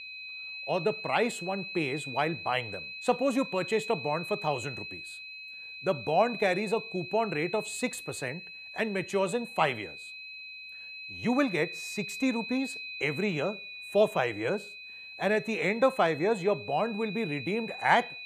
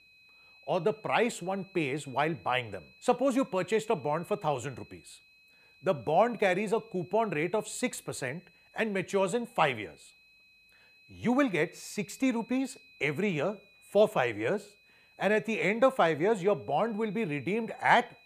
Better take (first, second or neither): second